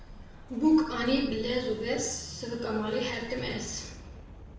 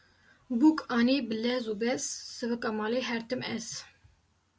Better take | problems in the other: second | background sound (Explosion); 14 dB below the speech // room echo; dies away in 0.7 s

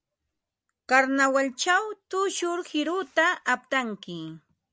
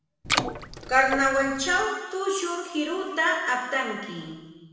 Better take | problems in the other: first | background sound (Water / Splash, splatter); 5 dB below the speech // room echo; dies away in 1.3 s

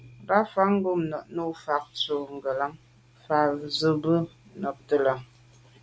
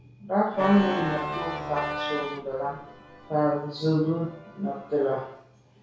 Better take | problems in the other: first | background sound (Organ); 8 dB below the speech // room echo; dies away in 0.6 s

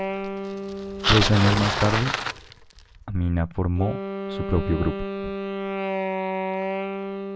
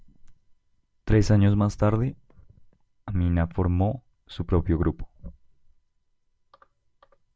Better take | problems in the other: second | background sound (Wind instrument, woodwind instrument + Bicycle); 2 dB below the speech

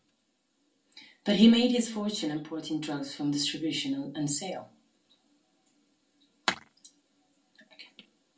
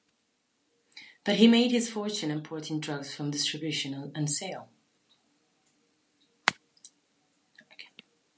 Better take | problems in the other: second | room echo; dies away in 0.2 s

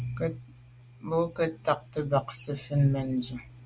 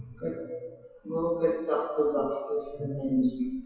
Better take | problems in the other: first | noise reduction (classical method WPE with log-MMSE)

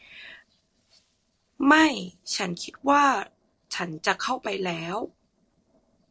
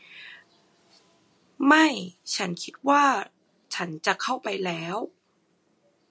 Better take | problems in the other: second | noise reduction (neural separator model SepFormer DNS4)

